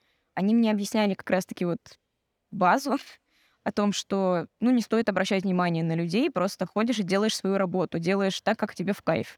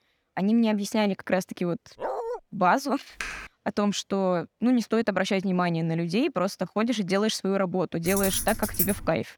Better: first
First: none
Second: dog barking; noticeable; at 2 s; peak 5 dB below the speech // keyboard typing; noticeable; at 3 s; peak 8 dB below the speech // jangling keys; noticeable; from 8 s on; peak level with the speech

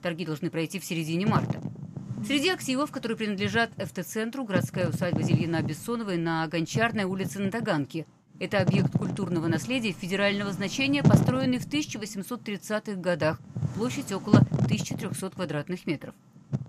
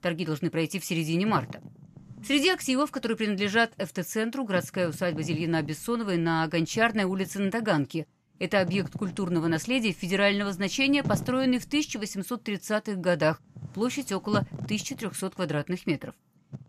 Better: second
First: wind noise on the microphone; heavy; 6 dB below the speech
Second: wind noise on the microphone; occasional gusts; 20 dB below the speech

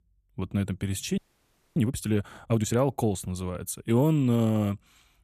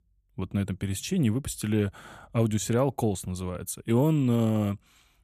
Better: second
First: audio freezing; at 1 s for 0.5 s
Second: none

